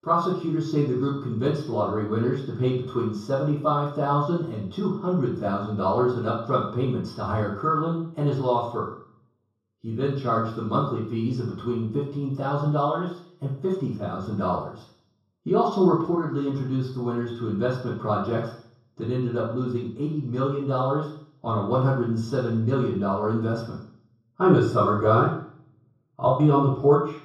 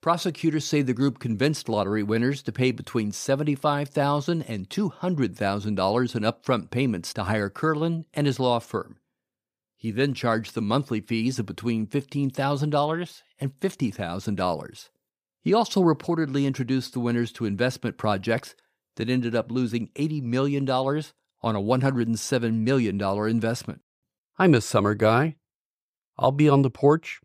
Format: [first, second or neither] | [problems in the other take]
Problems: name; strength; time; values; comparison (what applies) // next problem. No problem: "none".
second | room echo; noticeable; dies away in 0.6 s // off-mic speech; far